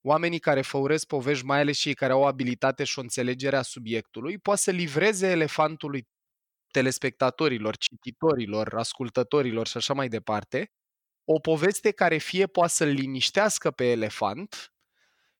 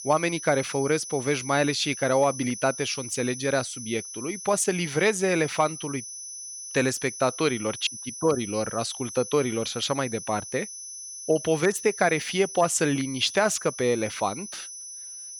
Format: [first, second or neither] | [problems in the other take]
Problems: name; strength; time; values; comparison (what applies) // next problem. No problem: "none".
first | high-pitched whine; loud; throughout; 6 kHz, 10 dB below the speech